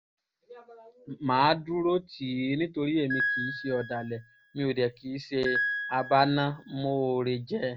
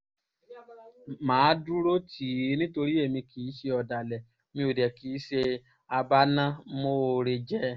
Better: second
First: background sound (Piano); 6 dB below the speech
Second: none

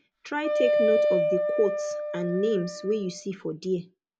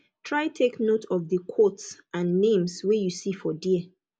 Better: second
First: background sound (Wind instrument, woodwind instrument); 2 dB above the speech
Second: none

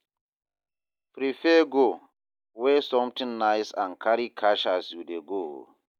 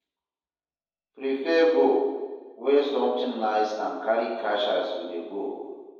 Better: first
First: none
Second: room echo; dies away in 1.1 s

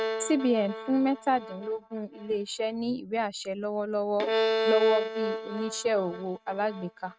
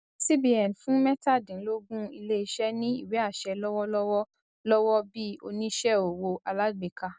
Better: second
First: noise reduction (neural mask model RNNoise)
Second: none

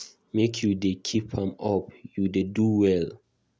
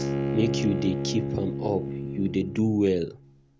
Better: first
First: none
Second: background sound (Bowed string instrument); 3 dB below the speech

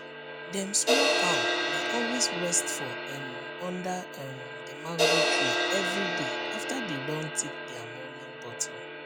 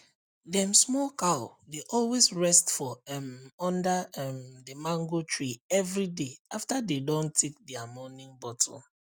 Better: second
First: background sound (Crash cymbal); 5 dB above the speech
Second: none

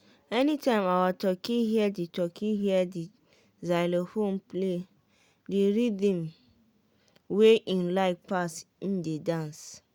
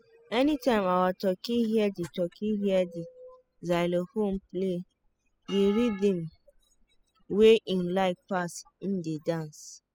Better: first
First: none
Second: noise reduction (classical method spectral subtraction)

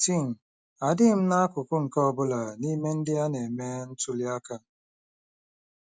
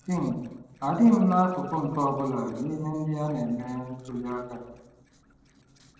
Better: first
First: none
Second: noise reduction (neural separator model SepFormer DNS4)

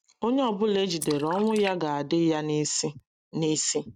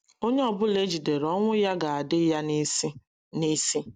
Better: second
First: noise reduction (neural mask model RNNoise)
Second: none

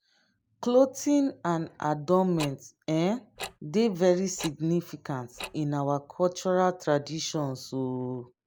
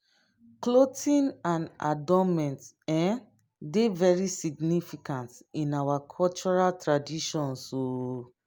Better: second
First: noise reduction (neural mask model Resemble Enhance denoiser)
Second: none

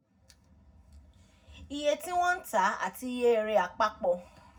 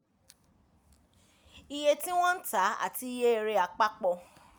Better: second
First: room echo; dies away in 0.4 s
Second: none

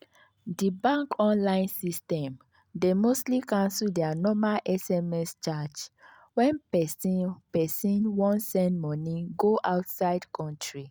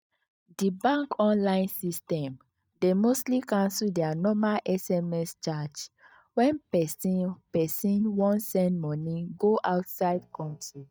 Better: first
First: none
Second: noise reduction (neural mask model DeepFilterNet 3)

